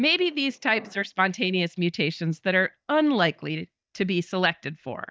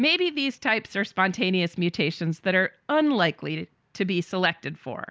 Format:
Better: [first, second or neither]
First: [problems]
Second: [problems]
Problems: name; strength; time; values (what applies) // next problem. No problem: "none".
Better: second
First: noise reduction (neural mask model DeepFilterNet 3)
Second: none